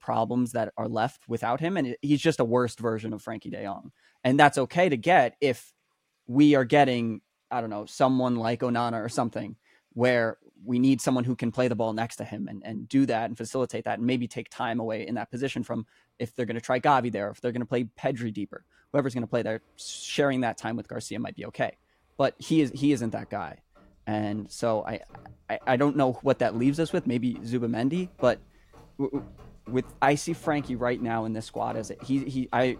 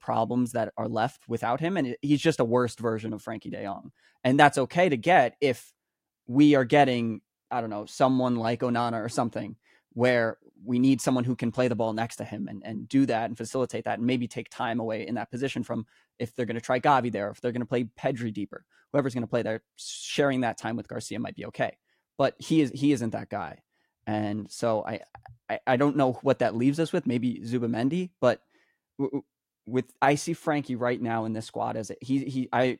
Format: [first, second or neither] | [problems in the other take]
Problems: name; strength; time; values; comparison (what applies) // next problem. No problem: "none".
second | rain or running water; faint; throughout; 25 dB below the speech